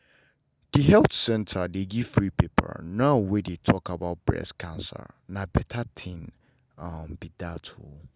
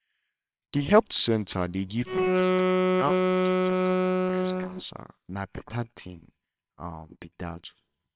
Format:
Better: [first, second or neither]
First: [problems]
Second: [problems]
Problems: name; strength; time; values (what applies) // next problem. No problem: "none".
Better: first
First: none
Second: noise reduction (neural separator model SepFormer WHAMR!)